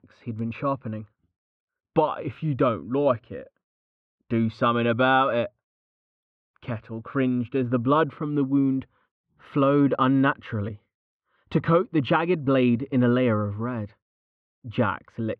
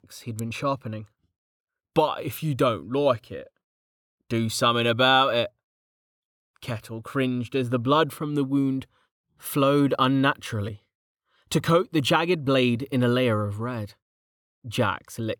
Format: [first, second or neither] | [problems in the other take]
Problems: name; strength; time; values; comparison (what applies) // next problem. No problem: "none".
second | muffled; very; fading above 2.5 kHz